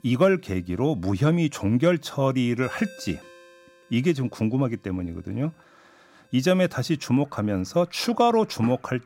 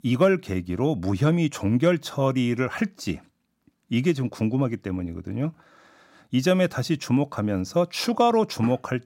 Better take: second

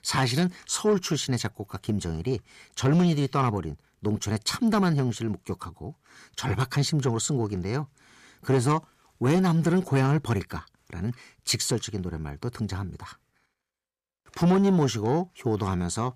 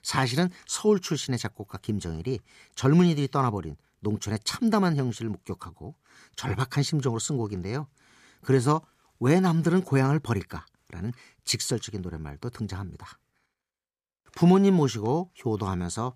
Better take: second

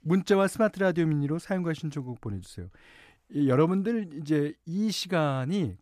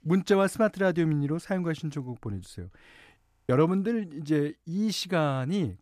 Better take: first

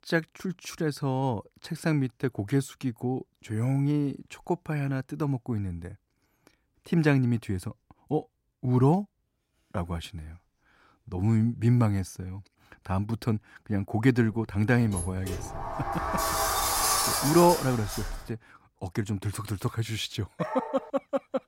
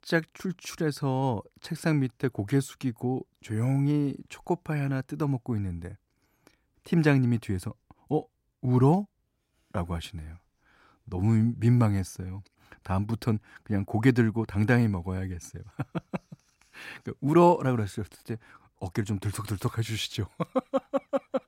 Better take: second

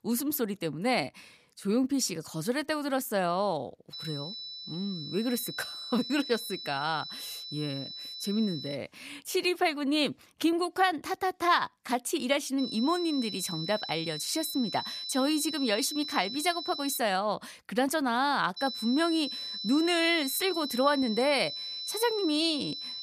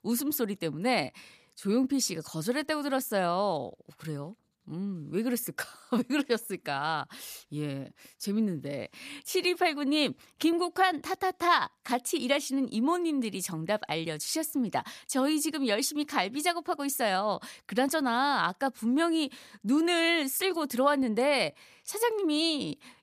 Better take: second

